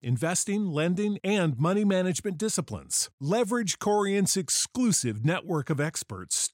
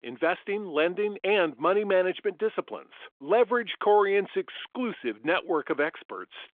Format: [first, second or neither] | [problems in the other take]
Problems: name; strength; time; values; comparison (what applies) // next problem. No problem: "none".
first | phone-call audio; nothing above 3.5 kHz